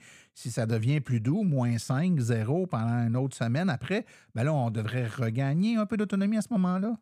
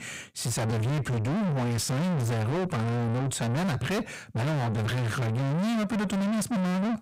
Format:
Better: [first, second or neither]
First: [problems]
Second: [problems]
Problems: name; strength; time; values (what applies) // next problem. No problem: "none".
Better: first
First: none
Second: distortion; heavy; 6 dB below the speech